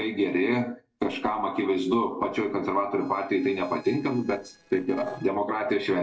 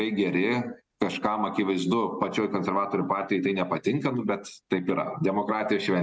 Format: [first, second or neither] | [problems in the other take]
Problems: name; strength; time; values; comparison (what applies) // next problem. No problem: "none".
second | noise reduction (neural separator model SepFormer DNS4)